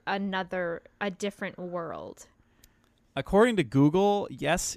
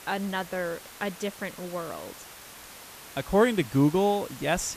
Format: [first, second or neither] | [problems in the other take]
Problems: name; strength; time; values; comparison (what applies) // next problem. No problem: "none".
first | hiss; noticeable; throughout; 15 dB below the speech